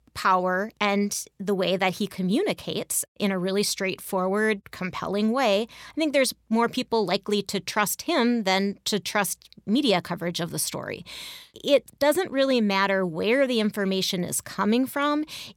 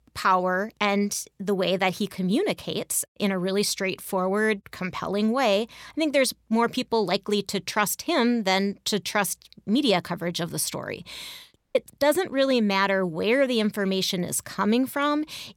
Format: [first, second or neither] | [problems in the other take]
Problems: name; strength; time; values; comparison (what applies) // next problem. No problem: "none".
first | audio cutting out; at 12 s